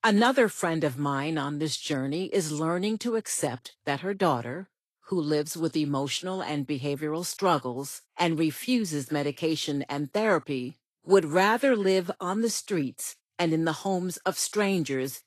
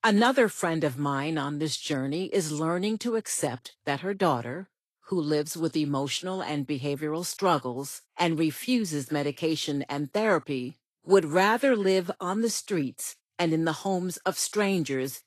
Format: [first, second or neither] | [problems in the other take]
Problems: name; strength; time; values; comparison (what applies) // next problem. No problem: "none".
neither | garbled, watery; slightly; nothing above 13 kHz; the same in both